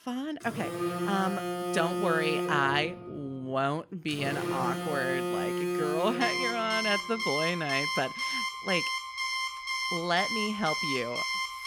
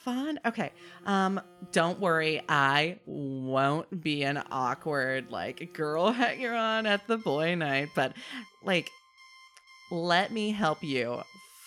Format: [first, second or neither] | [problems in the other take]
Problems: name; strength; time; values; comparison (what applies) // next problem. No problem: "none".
second | alarms or sirens; loud; throughout; as loud as the speech; faint in the second